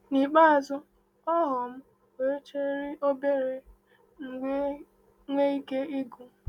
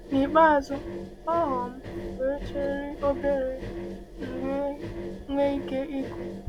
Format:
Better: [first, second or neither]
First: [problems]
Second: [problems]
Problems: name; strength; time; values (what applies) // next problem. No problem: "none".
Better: first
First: none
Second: background sound (Engine); 9 dB below the speech